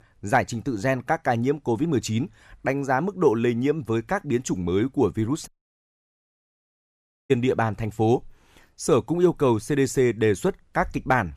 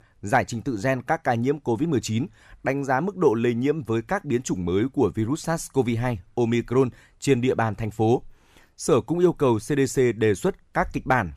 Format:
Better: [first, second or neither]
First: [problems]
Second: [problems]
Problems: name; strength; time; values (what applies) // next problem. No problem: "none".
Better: second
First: audio cutting out; at 5.5 s for 2 s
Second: none